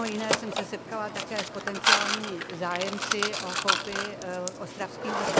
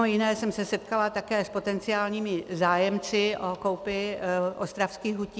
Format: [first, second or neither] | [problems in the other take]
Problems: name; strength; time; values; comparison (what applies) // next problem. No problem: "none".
second | background sound (Mechanisms); 5 dB above the speech